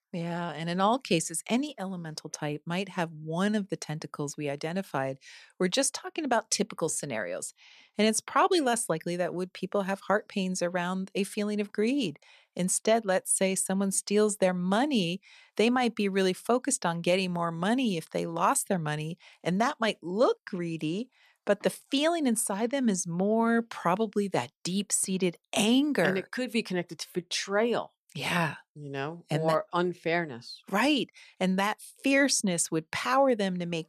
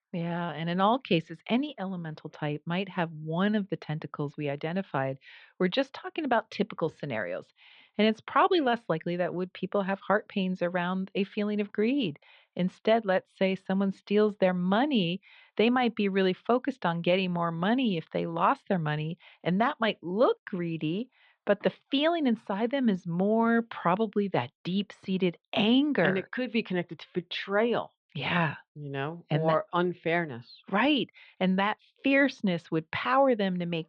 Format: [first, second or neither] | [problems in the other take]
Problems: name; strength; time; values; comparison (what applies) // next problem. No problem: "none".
first | muffled; very; fading above 3.5 kHz